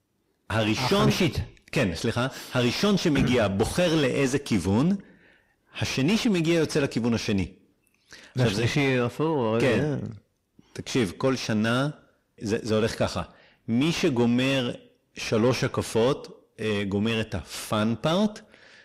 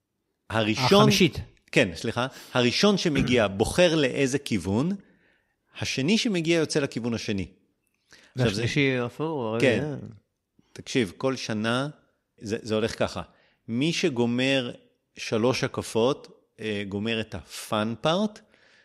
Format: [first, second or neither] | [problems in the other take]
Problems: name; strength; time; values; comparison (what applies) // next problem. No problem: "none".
second | distortion; heavy; 7 dB below the speech